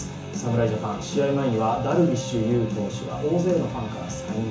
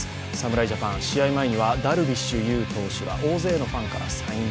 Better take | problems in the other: second | room echo; dies away in 0.7 s

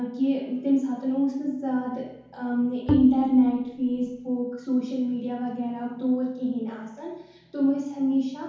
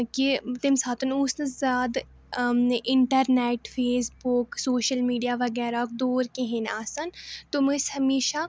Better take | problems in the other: second | background sound (Bowed string instrument); 4 dB below the speech // room echo; dies away in 0.8 s

